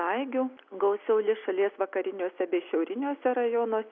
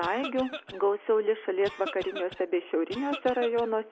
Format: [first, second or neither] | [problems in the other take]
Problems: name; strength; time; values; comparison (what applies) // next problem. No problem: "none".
first | background sound (Cough); 12 dB below the speech